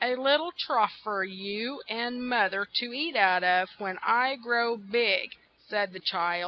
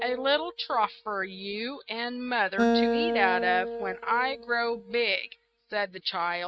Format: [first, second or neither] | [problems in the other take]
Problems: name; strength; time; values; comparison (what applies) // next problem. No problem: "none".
first | noise reduction (neural mask model RNNoise)